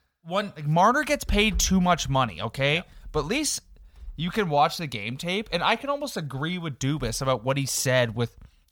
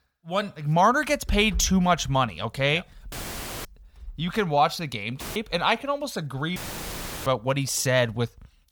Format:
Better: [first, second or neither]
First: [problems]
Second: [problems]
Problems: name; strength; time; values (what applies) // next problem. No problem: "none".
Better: first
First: none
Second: audio cutting out; filled with static; at 3 s for 0.5 s, at 5 s and at 6.5 s for 0.5 s